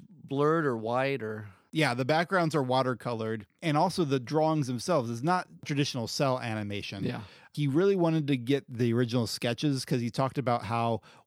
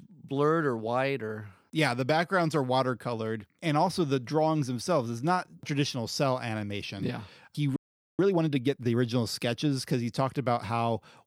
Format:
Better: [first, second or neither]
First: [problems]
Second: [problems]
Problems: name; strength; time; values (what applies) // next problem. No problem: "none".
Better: first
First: none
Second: audio freezing; at 8 s